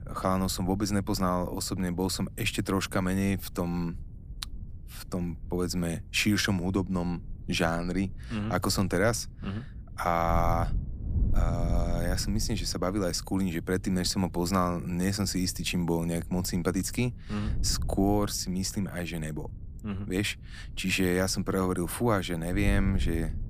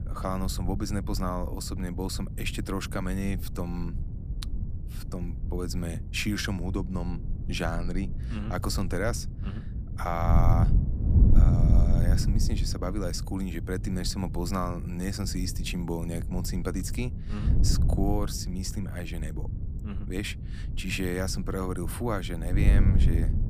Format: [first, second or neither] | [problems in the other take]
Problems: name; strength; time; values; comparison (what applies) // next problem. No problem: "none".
first | wind noise on the microphone; heavy; 9 dB below the speech; occasional gusts in the first